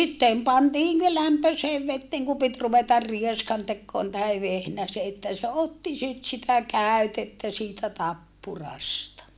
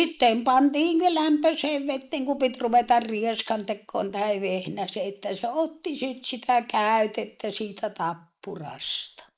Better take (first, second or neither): first